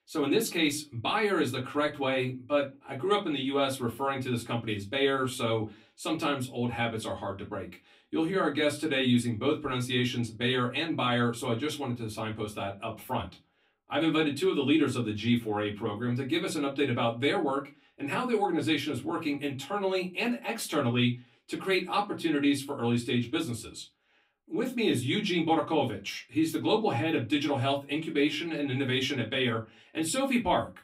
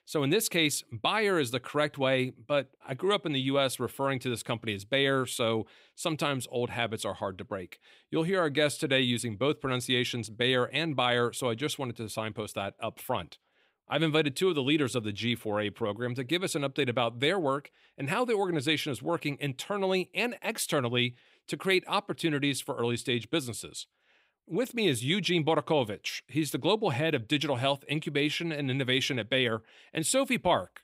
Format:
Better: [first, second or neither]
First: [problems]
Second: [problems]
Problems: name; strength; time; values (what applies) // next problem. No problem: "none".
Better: second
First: off-mic speech; far // room echo; very slight; dies away in 0.2 s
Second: none